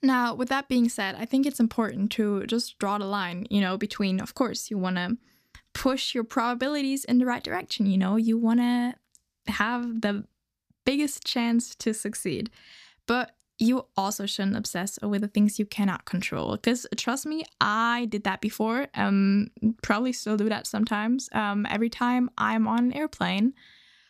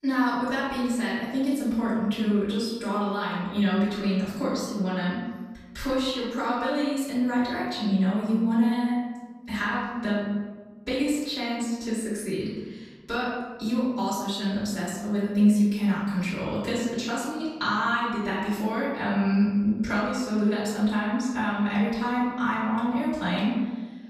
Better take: first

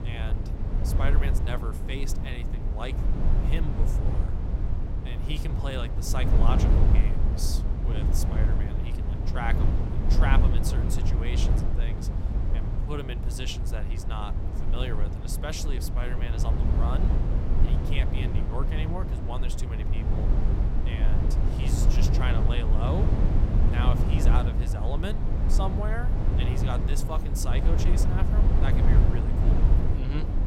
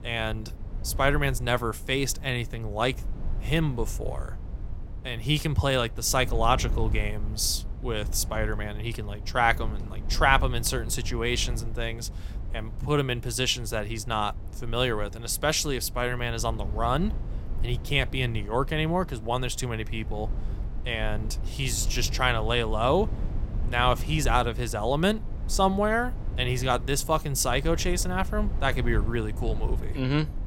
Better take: second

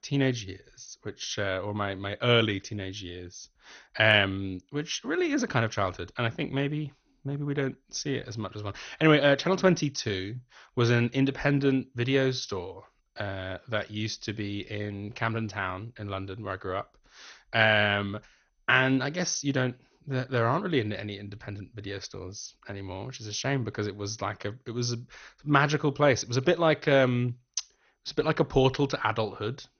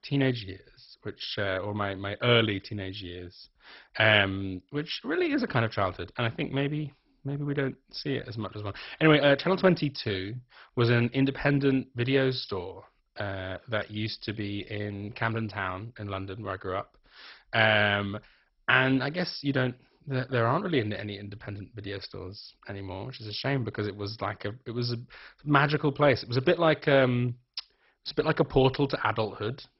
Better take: first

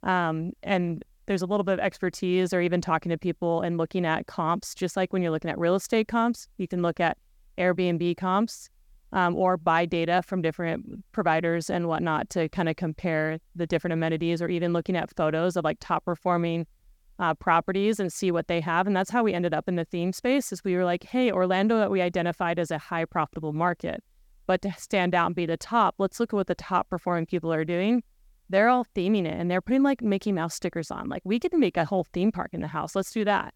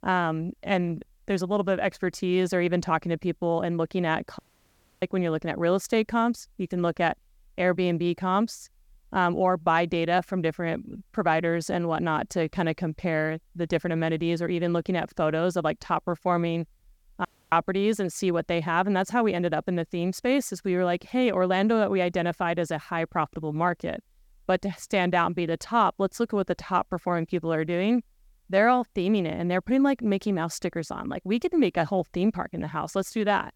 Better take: first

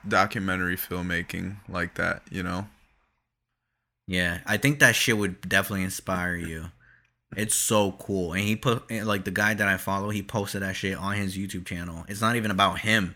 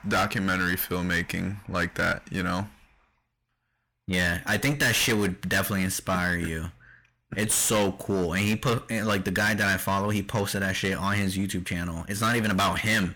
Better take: first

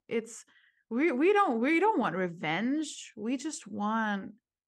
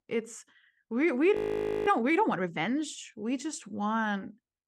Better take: first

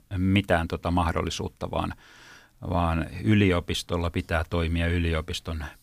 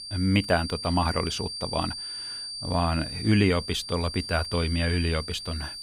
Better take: first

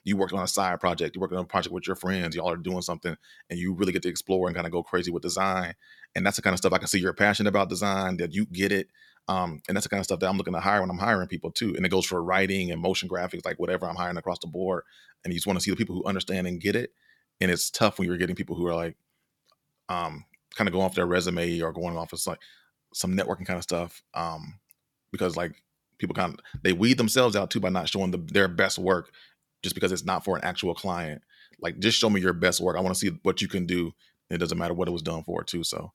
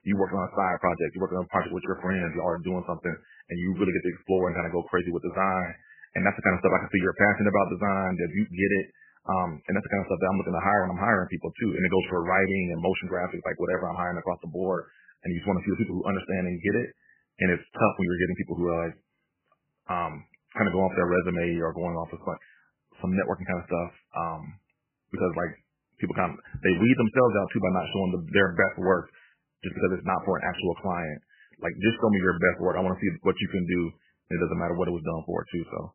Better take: first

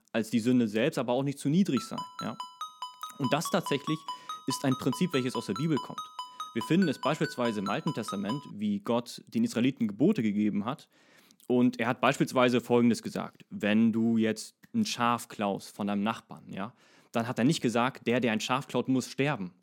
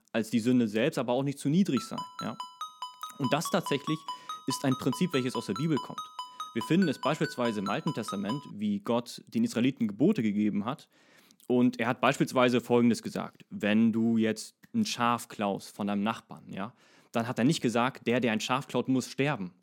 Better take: neither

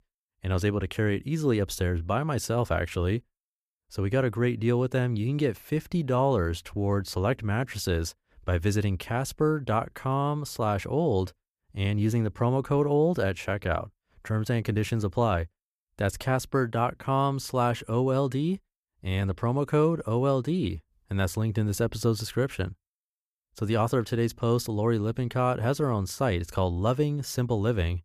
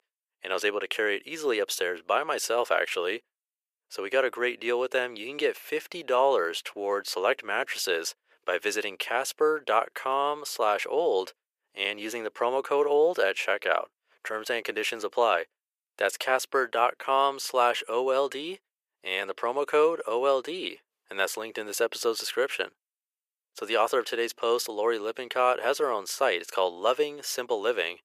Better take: first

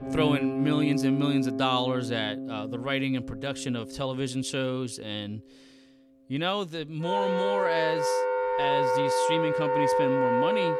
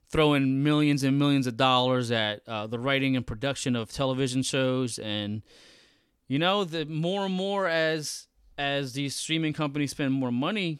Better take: second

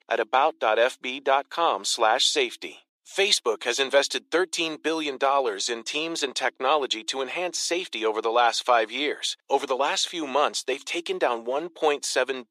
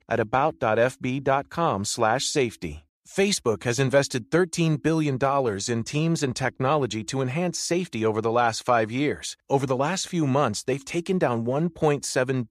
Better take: second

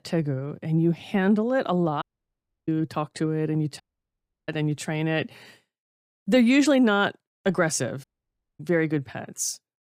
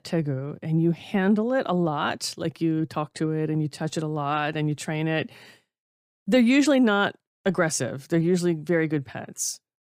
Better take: second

